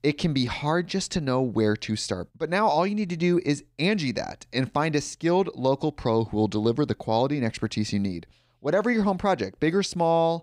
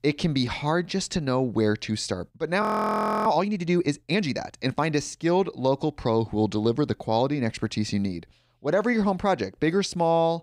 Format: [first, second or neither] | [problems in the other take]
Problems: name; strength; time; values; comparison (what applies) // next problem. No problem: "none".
first | audio freezing; at 2.5 s for 0.5 s